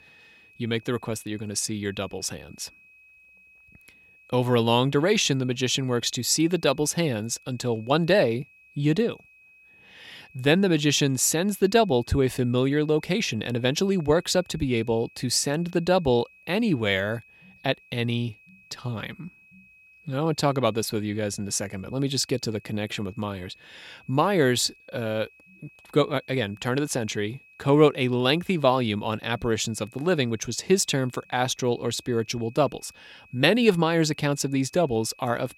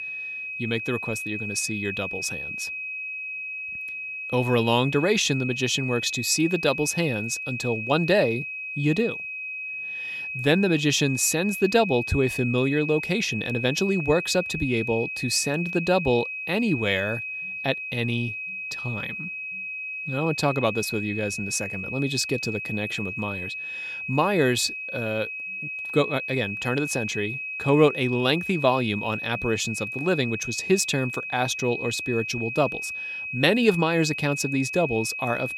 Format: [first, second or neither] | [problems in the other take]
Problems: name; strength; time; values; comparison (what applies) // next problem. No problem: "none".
first | high-pitched whine; loud; throughout; 2.5 kHz, 5 dB below the speech; faint in the first